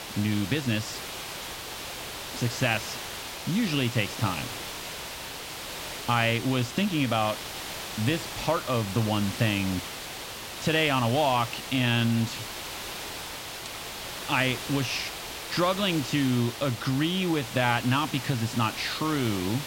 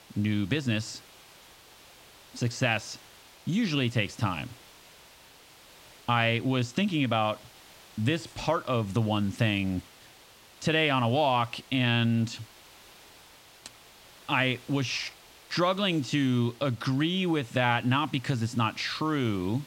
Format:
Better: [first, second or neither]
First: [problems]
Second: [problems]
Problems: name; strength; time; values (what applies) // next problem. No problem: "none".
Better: second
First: hiss; loud; throughout; 8 dB below the speech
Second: hiss; faint; throughout; 25 dB below the speech